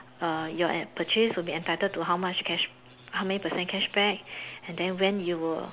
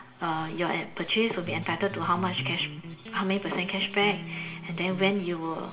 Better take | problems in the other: first | background sound (Electric guitar); 11 dB below the speech // room echo; dies away in 0.8 s

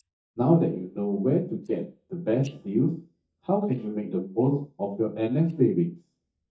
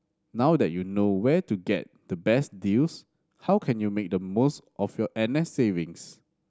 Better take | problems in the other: second | noise reduction (neural mask model DeepFilterNet 3)

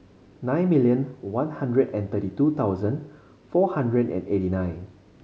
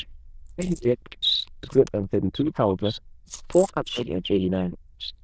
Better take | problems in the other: first | noise reduction (neural diffusion model UNIVERSE++)

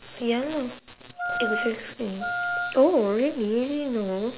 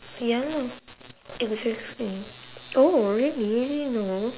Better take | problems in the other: second | background sound (Wind instrument, woodwind instrument); 4 dB below the speech

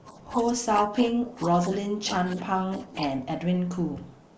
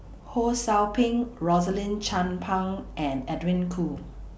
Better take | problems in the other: second | noise reduction (neural mask model Resemble Enhance denoiser)

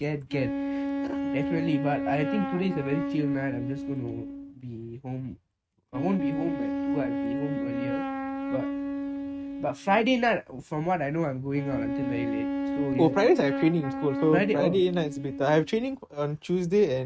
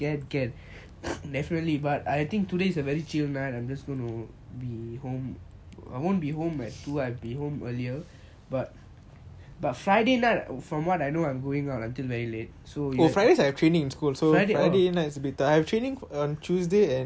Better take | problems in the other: second | noise reduction (neural mask model RNNoise)

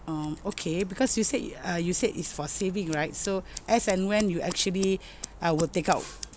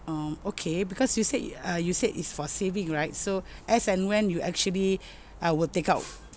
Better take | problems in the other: second | background sound (Scissors); 16 dB below the speech

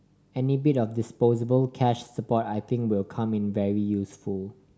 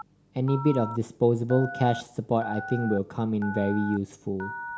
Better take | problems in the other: first | background sound (Telephone); 12 dB below the speech

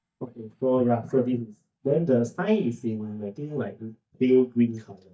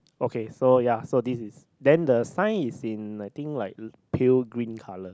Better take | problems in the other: second | noise reduction (neural mask model DeepFilterNet 3)

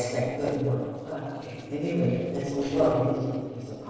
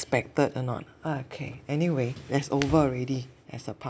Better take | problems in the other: second | noise reduction (neural separator model SepFormer DNS4)

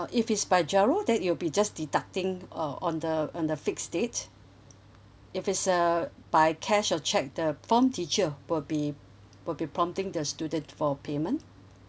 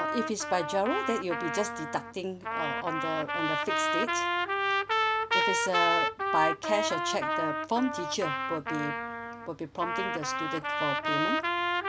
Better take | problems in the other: first | background sound (Trumpet); 3 dB above the speech

